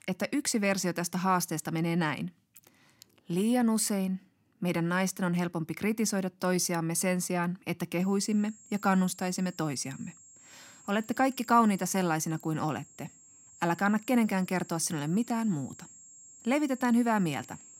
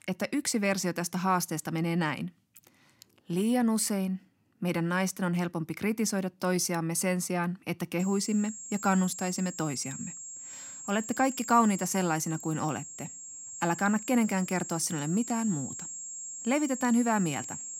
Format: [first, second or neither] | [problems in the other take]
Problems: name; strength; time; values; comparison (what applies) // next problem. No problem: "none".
first | high-pitched whine; loud; from 8 s on; 7.5 kHz, 10 dB below the speech; faint in the first